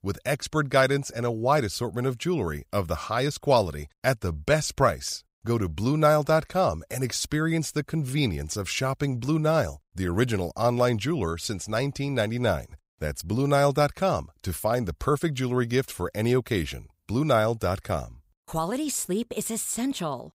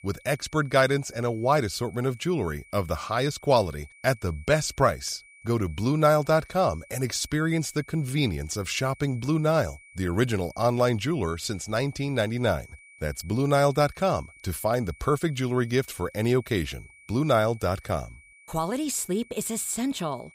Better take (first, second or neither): first